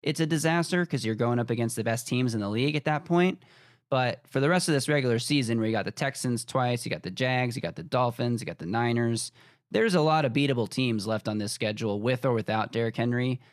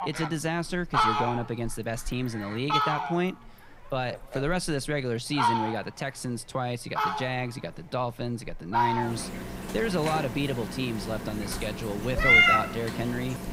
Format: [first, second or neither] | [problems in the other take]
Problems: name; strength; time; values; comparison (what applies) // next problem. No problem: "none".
first | animal sounds; very loud; throughout; 4 dB above the speech